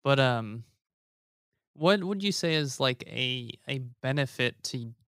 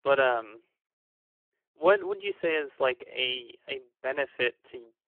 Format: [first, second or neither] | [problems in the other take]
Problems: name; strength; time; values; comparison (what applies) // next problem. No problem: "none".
first | phone-call audio; poor line; nothing above 3 kHz